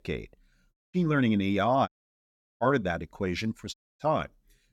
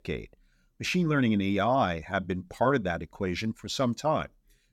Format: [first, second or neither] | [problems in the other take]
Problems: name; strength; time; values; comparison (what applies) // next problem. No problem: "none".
second | audio cutting out; at 0.5 s, at 2 s for 0.5 s and at 3.5 s